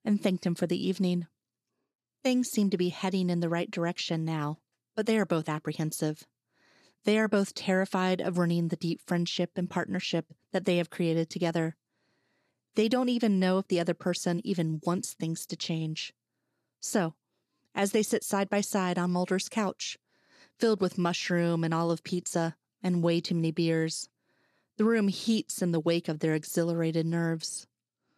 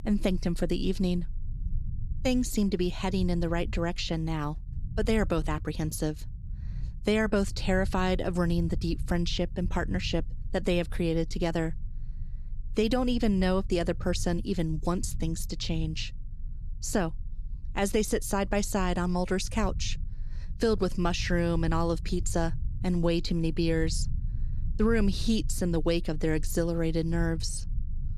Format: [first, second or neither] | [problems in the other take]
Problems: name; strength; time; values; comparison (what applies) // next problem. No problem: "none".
first | low rumble; faint; throughout; 25 dB below the speech